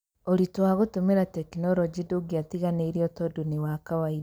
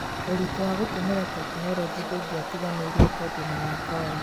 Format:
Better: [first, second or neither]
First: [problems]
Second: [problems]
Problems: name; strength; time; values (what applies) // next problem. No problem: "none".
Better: first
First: none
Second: background sound (Fire + Tools); 2 dB above the speech